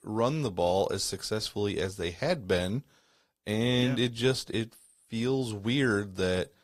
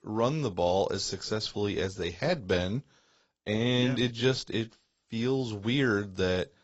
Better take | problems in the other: first | garbled, watery; badly; nothing above 7.5 kHz; slightly in the first

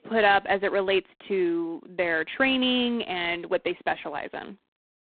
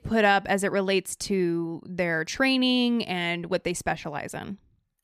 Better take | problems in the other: second | phone-call audio; poor line

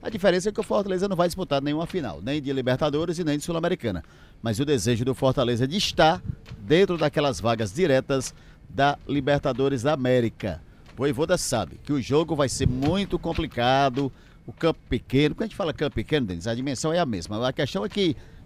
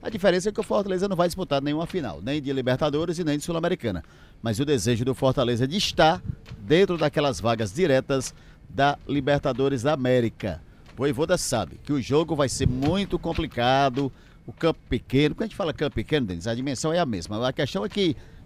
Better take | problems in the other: neither | wind noise on the microphone; occasional gusts; 25 dB below the speech; the same in both

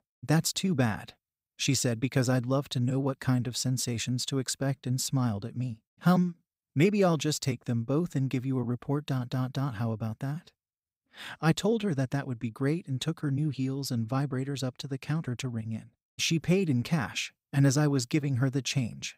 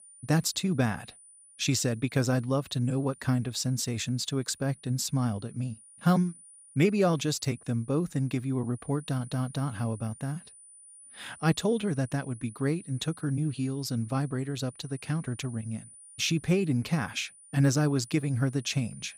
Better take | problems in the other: first | high-pitched whine; faint; throughout; 9.5 kHz, 20 dB below the speech

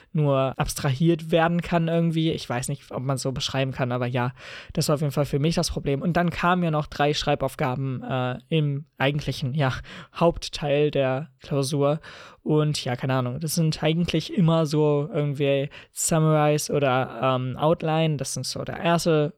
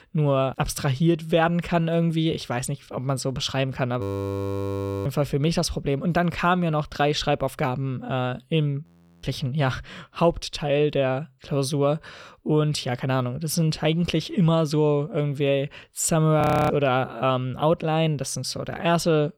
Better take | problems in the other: first | audio freezing; at 4 s for 1 s, at 9 s and at 16 s

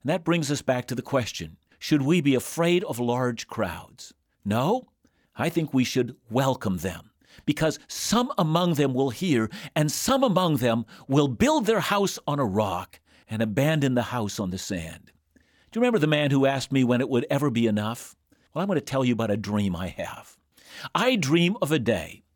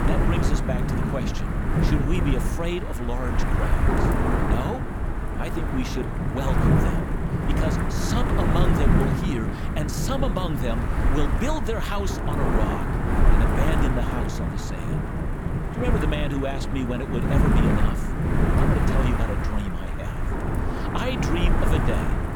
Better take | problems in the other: first | wind noise on the microphone; heavy; 2 dB above the speech

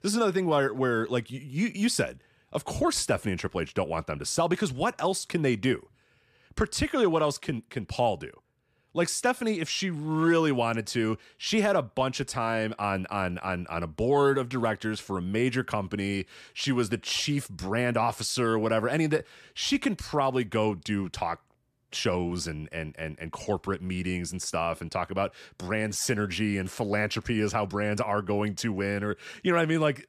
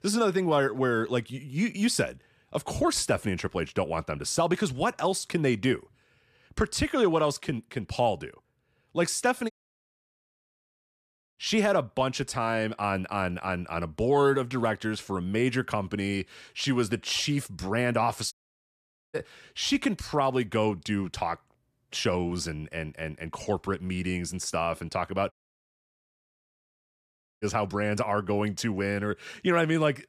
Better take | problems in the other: first | audio cutting out; at 9.5 s for 2 s, at 18 s for 1 s and at 25 s for 2 s

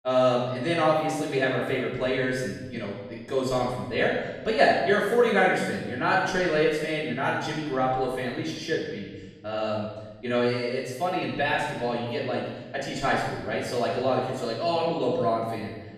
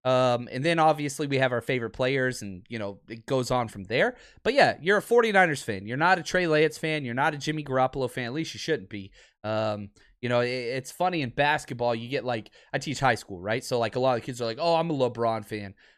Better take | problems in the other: second | room echo; noticeable; dies away in 1.1 s // off-mic speech; far

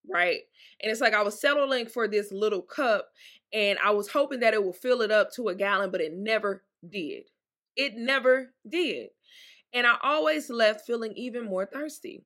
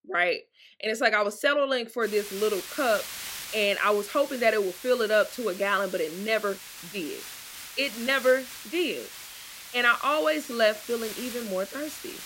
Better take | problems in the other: first | hiss; noticeable; from 2 s on; 10 dB below the speech

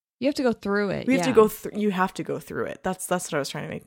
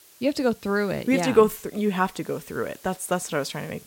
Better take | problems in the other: first | hiss; faint; throughout; 25 dB below the speech

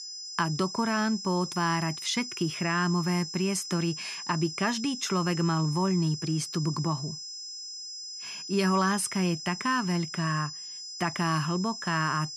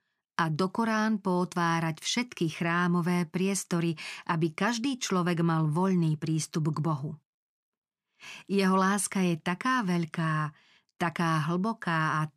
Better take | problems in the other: second | high-pitched whine; loud; throughout; 5 kHz, 8 dB below the speech

